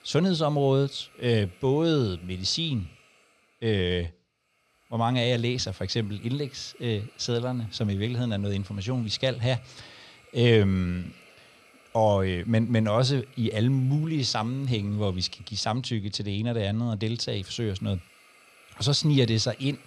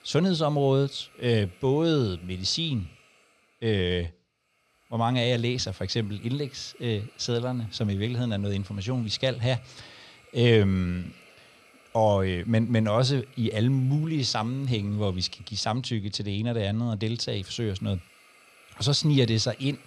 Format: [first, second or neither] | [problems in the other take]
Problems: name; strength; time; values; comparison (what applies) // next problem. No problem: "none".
neither | hiss; faint; throughout; 30 dB below the speech; the same in both